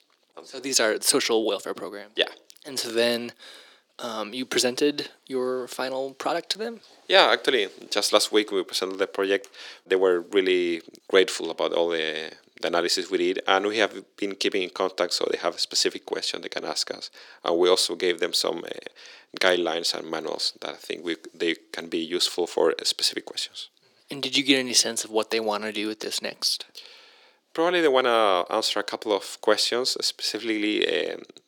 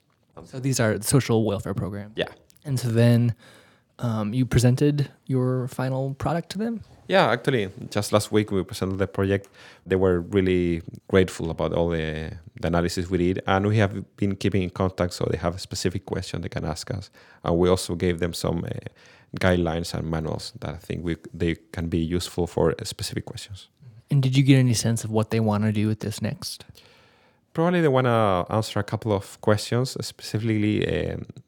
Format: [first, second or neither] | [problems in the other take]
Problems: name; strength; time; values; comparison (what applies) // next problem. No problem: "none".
second | thin; somewhat; fading below 350 Hz